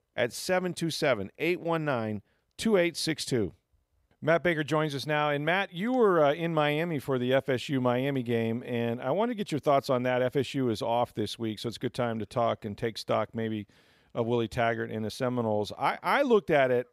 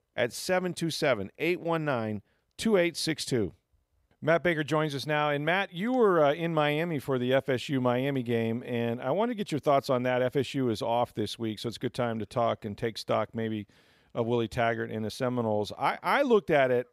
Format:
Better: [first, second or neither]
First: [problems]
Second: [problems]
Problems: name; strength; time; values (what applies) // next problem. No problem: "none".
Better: neither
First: none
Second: none